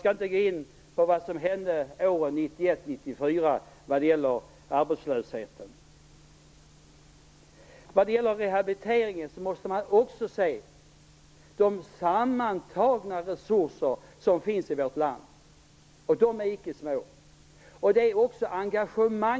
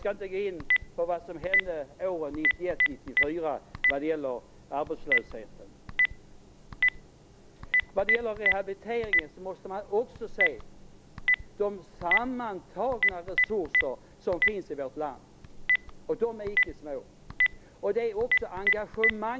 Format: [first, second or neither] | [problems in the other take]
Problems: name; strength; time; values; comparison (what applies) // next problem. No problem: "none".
first | background sound (Telephone); 3 dB above the speech